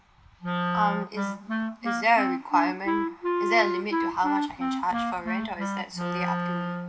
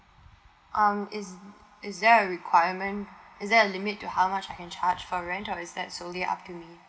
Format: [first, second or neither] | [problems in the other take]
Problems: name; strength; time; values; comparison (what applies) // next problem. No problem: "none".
second | background sound (Wind instrument, woodwind instrument); 1 dB above the speech